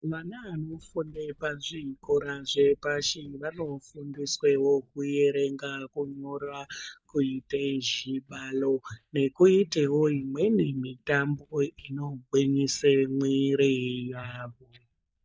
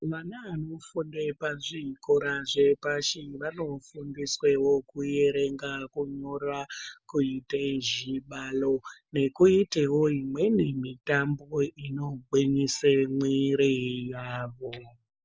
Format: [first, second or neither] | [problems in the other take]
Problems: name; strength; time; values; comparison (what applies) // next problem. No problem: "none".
second | noise reduction (neural mask model DeepFilterNet 3)